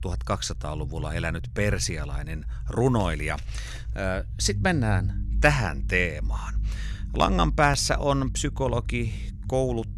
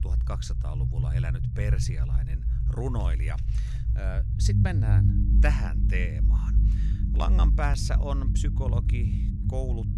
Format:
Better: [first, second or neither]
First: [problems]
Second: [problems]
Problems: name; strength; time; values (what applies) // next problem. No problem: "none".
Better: first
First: low rumble; faint; throughout; 25 dB below the speech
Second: low rumble; loud; throughout; 5 dB below the speech